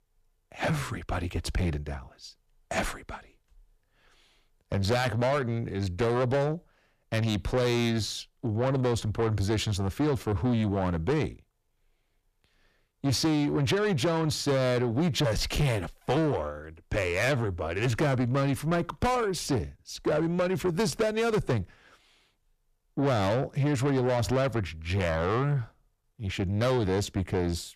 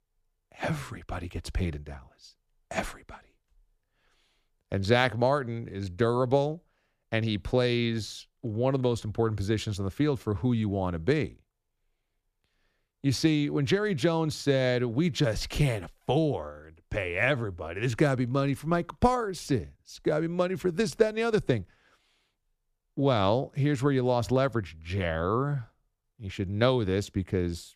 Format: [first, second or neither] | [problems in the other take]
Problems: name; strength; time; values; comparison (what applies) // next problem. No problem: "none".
second | distortion; heavy; 7 dB below the speech